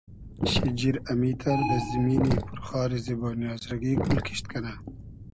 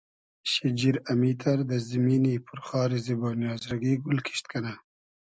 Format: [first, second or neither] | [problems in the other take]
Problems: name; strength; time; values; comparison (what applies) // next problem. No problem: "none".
second | background sound (Alarm + Sink (filling or washing)); 3 dB below the speech